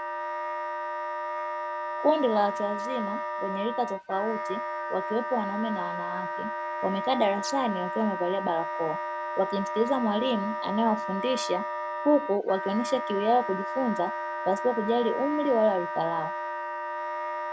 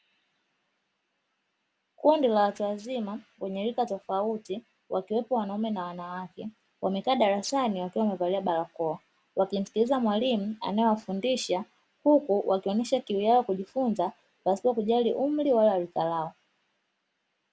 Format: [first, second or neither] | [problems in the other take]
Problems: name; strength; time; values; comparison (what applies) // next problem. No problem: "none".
second | background sound (Wind instrument, woodwind instrument); 4 dB below the speech